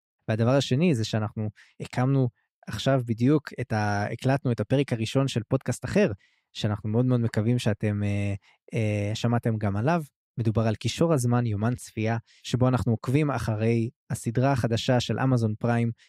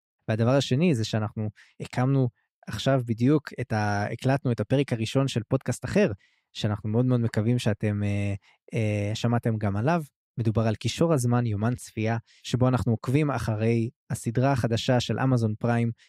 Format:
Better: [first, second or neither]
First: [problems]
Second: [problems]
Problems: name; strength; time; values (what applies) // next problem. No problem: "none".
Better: neither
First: none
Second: none